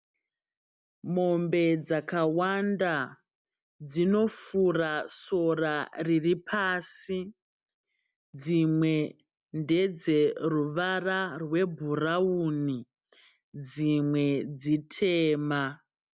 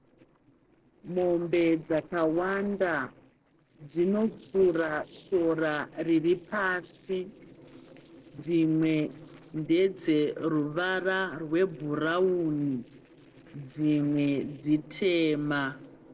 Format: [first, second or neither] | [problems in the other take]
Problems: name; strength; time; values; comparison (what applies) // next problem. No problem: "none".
first | noise reduction (neural separator model SepFormer DNS4)